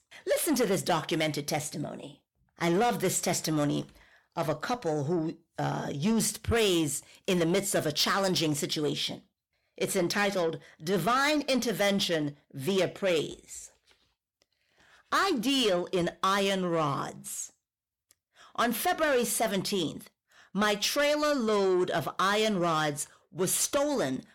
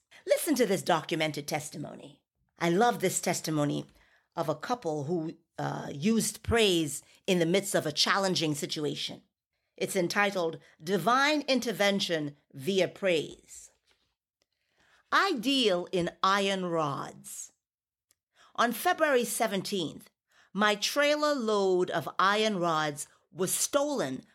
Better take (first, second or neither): second